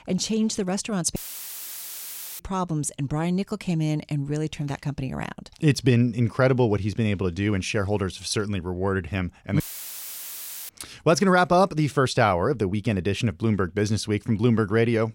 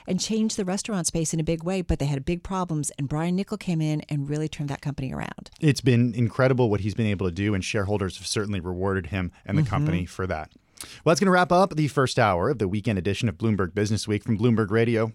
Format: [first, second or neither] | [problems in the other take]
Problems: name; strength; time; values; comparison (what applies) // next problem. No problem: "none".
second | audio cutting out; filled with static; at 1 s for 1 s and at 9.5 s for 1 s